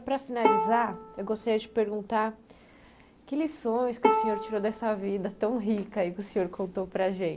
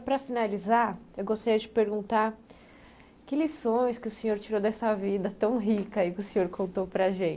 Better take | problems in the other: second | background sound (Bowed string instrument); 3 dB below the speech

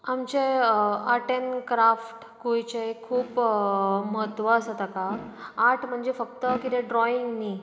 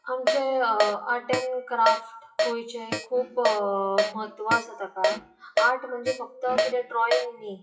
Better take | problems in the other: first | noise reduction (classical method WPE with log-MMSE)

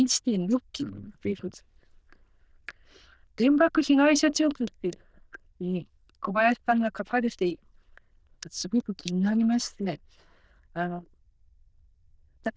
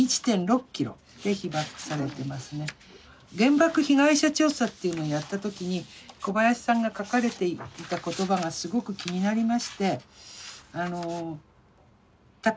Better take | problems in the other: second | noise reduction (neural diffusion model UNIVERSE++)

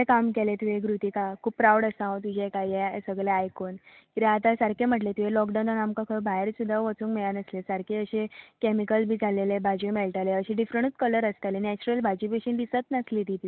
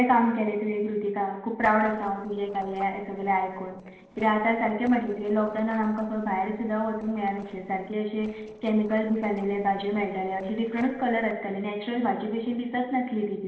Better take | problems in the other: first | noise reduction (neural separator model SepFormer DNS4)

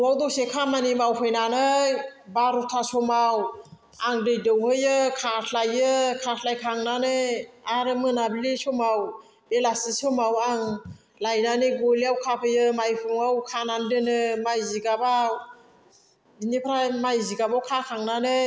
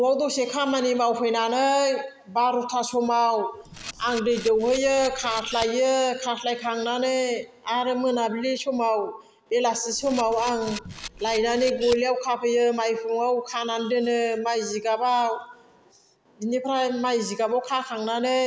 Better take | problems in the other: first | background sound (Camera); 14 dB below the speech

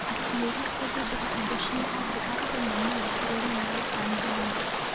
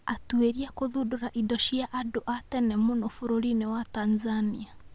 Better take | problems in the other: second | background sound (Stream / Ocean); 5 dB above the speech

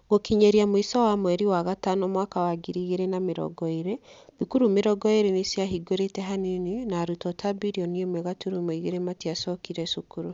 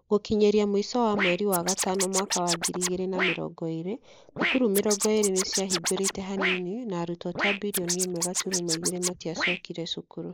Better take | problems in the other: first | noise reduction (neural mask model Resemble Enhance denoiser)

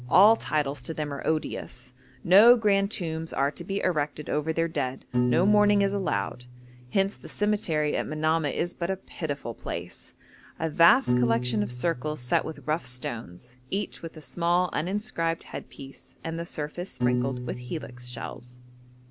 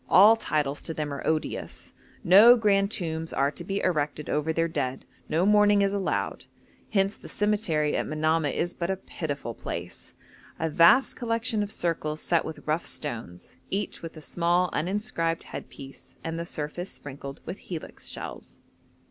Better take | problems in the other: second | background sound (Piano); 9 dB below the speech

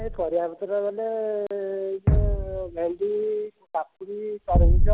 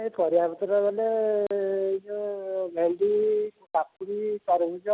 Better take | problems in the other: second | background sound (Thump, thud); 4 dB above the speech

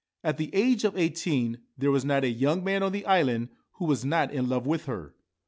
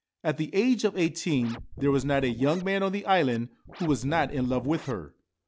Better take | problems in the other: first | background sound (Scratching (performance technique)); 16 dB below the speech

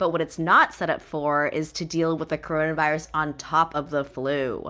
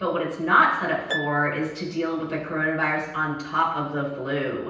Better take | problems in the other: first | background sound (Harp); 14 dB below the speech // room echo; dies away in 0.9 s

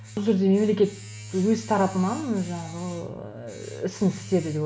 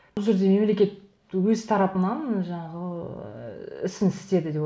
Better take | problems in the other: second | background sound (Domestic sounds, home sounds); 16 dB below the speech

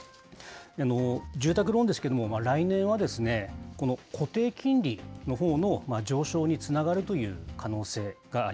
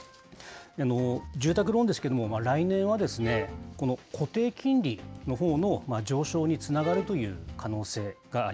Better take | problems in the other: first | background sound (Bowed string instrument); 11 dB below the speech

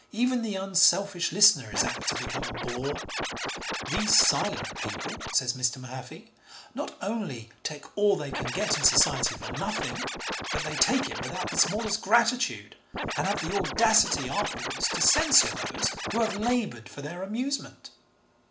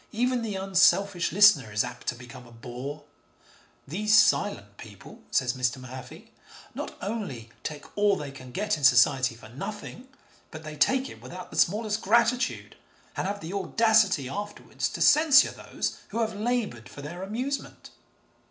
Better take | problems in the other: second | background sound (Scratching (performance technique)); 4 dB below the speech

